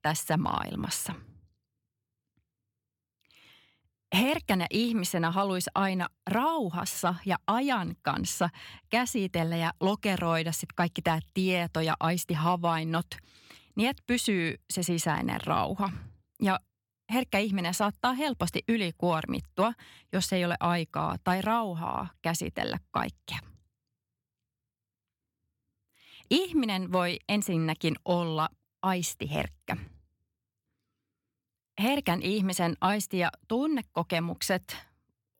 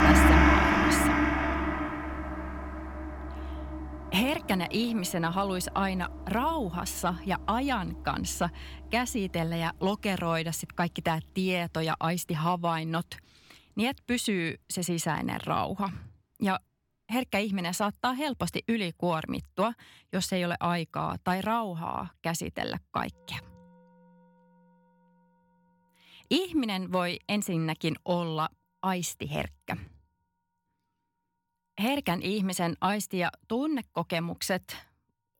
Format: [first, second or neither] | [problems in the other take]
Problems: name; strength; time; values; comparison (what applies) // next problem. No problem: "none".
first | background music; very loud; throughout; 1 dB above the speech